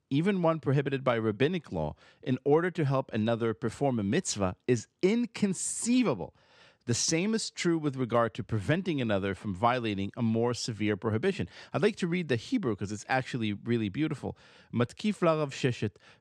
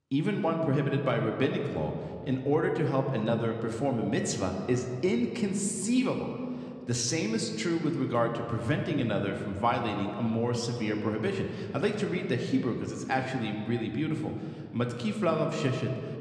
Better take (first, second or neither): first